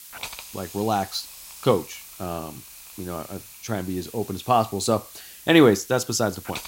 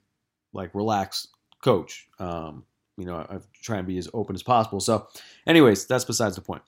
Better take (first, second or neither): second